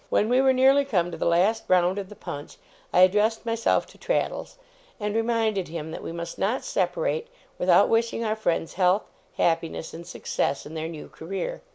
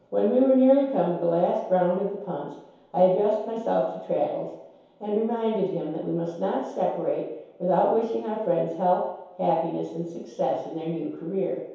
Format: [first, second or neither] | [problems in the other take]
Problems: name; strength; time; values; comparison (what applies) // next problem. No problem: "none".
first | room echo; dies away in 0.8 s